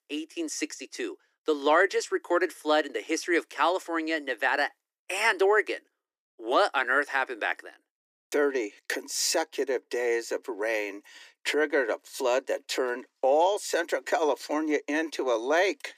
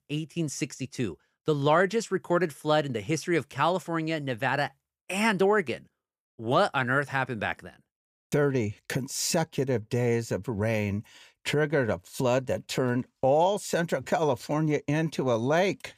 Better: second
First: thin; somewhat; fading below 300 Hz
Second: none

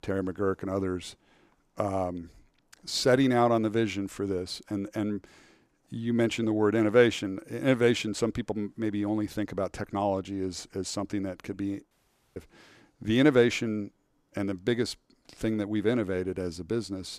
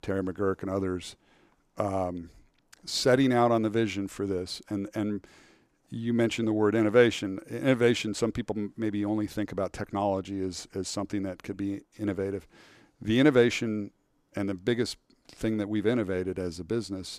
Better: second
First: audio cutting out; at 12 s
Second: none

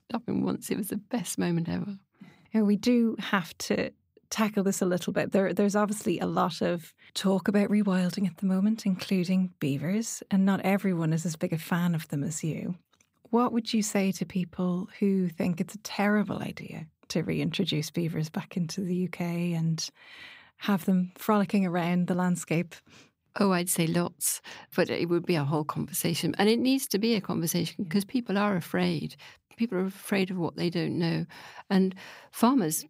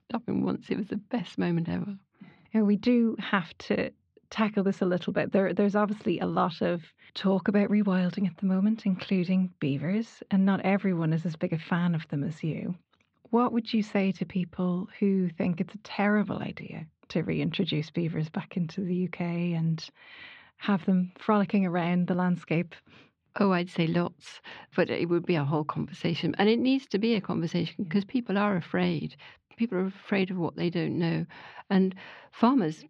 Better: first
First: none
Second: muffled; slightly; fading above 4 kHz

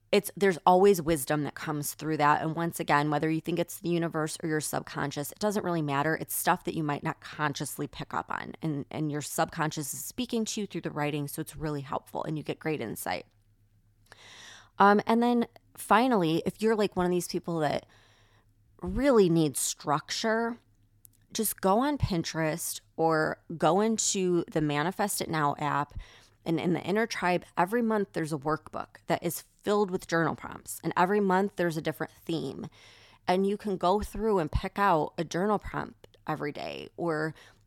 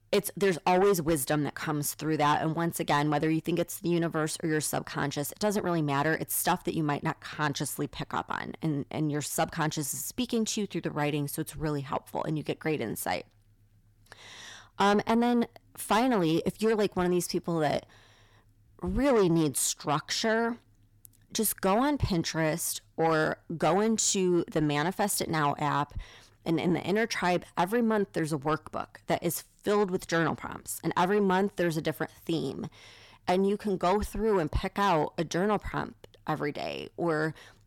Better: first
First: none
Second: distortion; slight; 10 dB below the speech

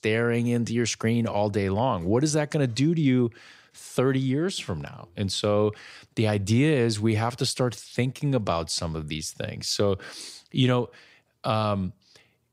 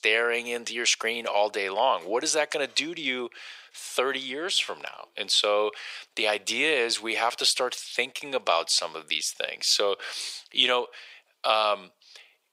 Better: first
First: none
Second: thin; very; fading below 550 Hz

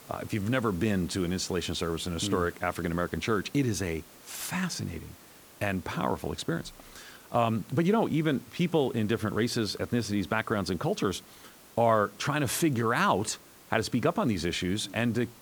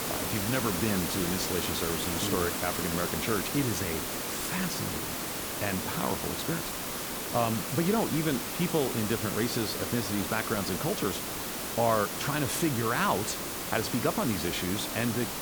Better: first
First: hiss; faint; throughout; 20 dB below the speech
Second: hiss; loud; throughout; 1 dB below the speech

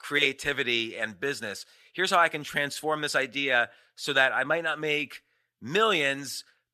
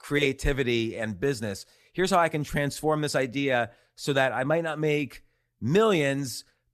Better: second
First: thin; somewhat; fading below 500 Hz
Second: none

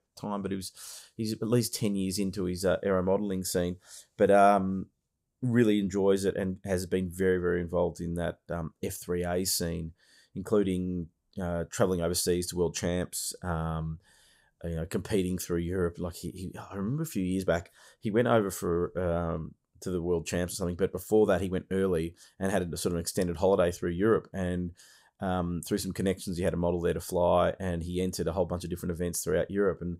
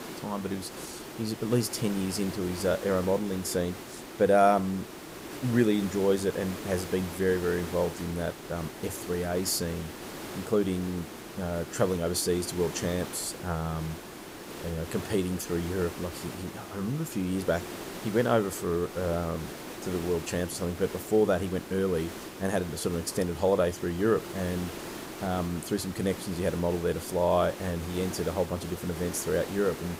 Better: first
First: none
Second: hiss; noticeable; throughout; 10 dB below the speech

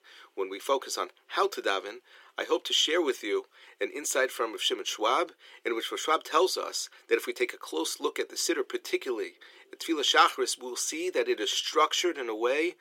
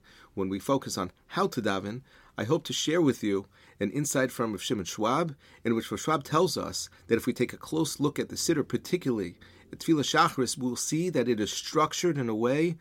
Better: second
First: thin; very; fading below 350 Hz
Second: none

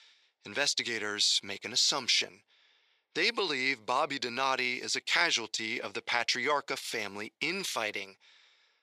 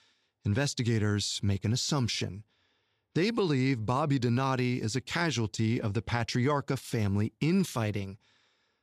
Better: second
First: thin; very; fading below 600 Hz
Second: none

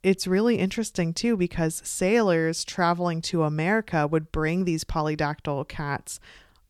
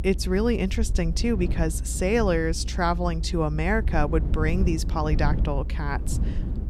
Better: first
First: none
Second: low rumble; noticeable; throughout; 15 dB below the speech

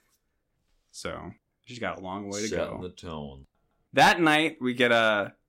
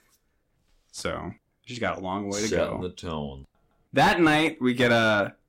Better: first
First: none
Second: distortion; heavy; 7 dB below the speech

